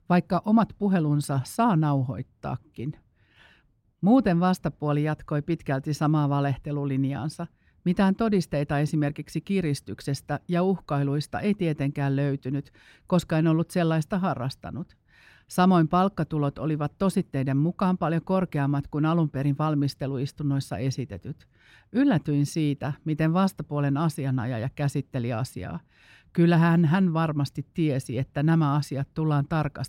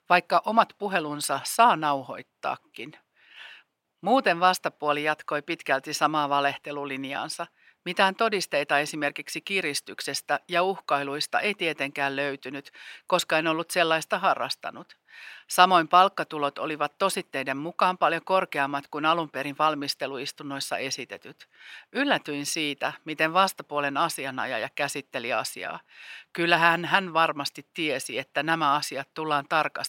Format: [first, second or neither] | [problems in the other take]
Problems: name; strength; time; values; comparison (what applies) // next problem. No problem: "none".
first | thin; very; fading below 700 Hz